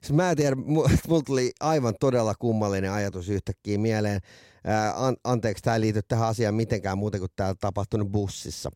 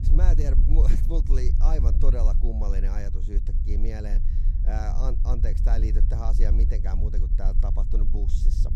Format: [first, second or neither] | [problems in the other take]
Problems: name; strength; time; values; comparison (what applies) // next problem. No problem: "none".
first | low rumble; loud; throughout; 6 dB below the speech